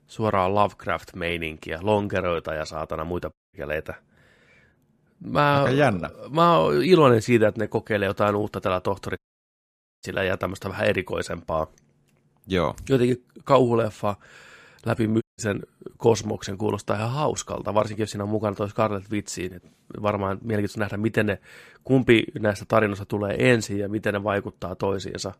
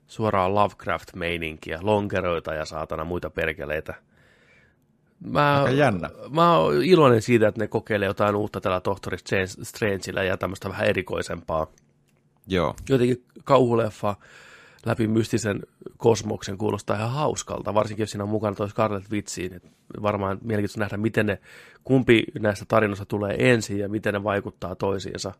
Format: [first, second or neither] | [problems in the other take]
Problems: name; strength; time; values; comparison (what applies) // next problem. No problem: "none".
second | audio cutting out; at 3.5 s, at 9 s for 1 s and at 15 s